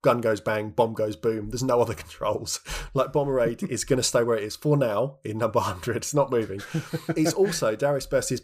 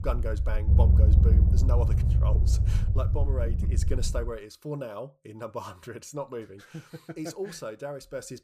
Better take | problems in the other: first | low rumble; loud; until 4.5 s; 3 dB below the speech

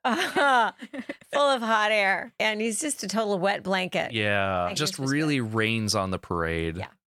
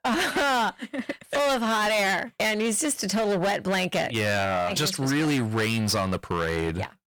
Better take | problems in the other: first | distortion; heavy; 22% of the sound clipped

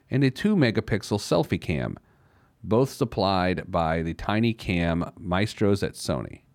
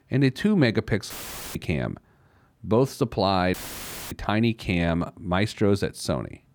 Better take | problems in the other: first | audio cutting out; filled with static; at 1 s and at 3.5 s for 0.5 s

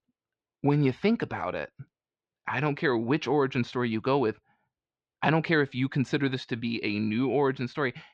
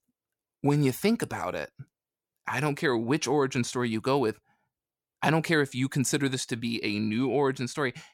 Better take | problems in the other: second | muffled; slightly; fading above 4 kHz

